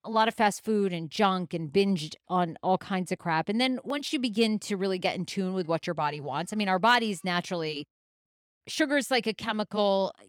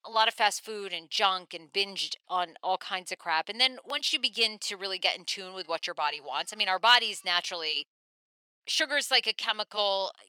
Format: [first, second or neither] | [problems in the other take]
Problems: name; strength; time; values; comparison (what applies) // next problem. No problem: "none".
first | thin; very; fading below 750 Hz